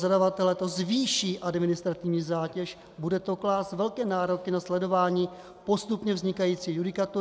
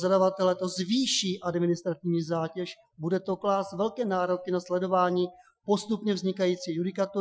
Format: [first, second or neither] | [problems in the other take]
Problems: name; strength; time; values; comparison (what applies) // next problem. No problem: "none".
first | noise reduction (classical method Wiener filter)